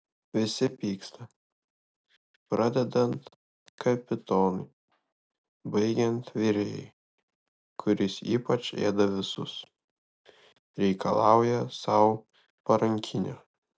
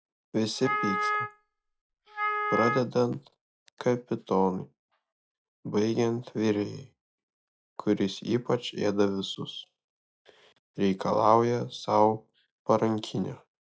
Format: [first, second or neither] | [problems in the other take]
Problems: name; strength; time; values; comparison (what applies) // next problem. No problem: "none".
first | noise reduction (classical method log-MMSE)